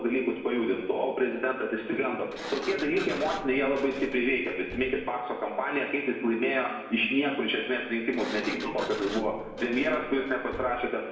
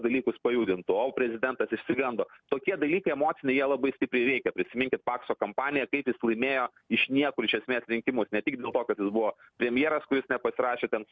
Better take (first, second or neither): second